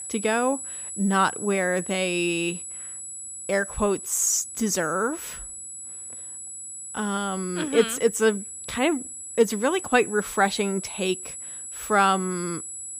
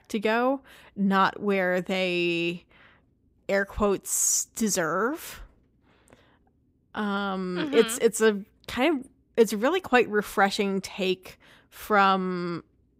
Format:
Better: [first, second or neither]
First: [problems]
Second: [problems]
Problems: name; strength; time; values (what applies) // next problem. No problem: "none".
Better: second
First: high-pitched whine; loud; throughout; 8 kHz, 9 dB below the speech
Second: none